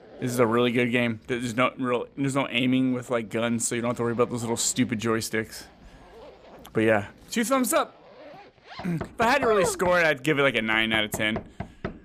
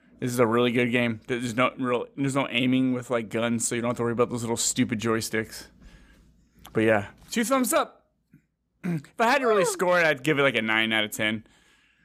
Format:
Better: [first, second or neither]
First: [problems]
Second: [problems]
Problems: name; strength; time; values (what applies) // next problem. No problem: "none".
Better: second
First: household noises; noticeable; throughout; 15 dB below the speech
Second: none